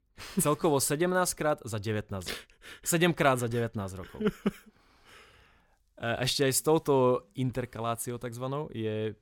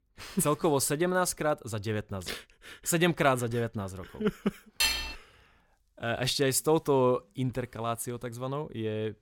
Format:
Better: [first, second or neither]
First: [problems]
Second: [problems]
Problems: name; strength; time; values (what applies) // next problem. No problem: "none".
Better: first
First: none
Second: clattering dishes; loud; at 5 s; peak 3 dB above the speech